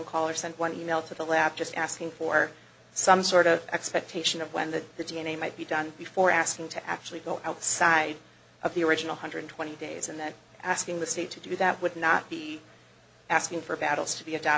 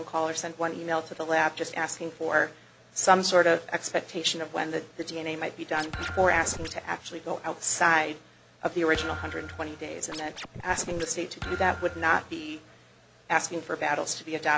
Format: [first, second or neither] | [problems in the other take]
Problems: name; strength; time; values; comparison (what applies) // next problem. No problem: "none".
first | background sound (Thump, thud + Scratching (performance technique)); 12 dB below the speech